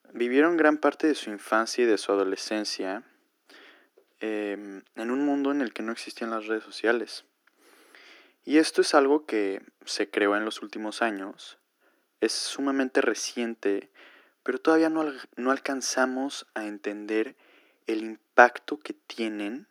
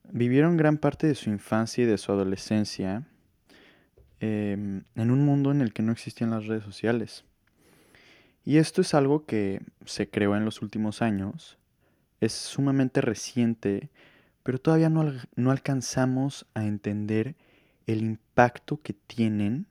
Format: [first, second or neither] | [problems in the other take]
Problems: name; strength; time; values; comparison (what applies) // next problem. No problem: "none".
second | thin; somewhat; fading below 300 Hz